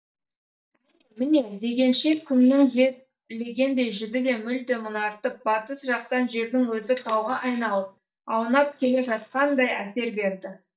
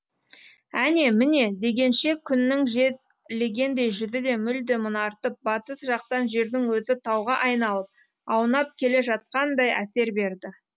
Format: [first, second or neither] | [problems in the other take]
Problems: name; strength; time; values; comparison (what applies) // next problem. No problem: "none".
second | noise reduction (neural mask model DeepFilterNet 3)